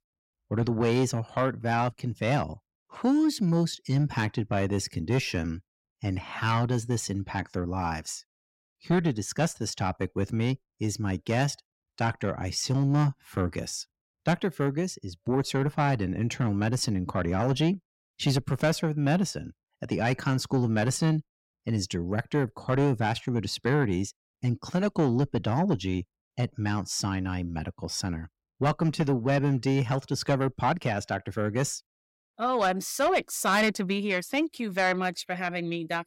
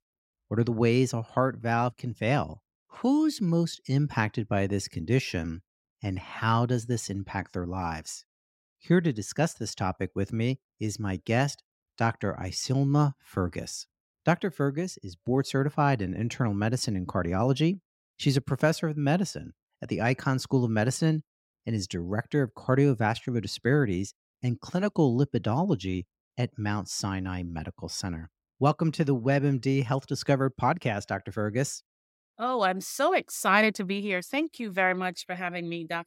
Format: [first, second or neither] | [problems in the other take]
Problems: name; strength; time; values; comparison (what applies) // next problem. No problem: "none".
second | distortion; slight; 10 dB below the speech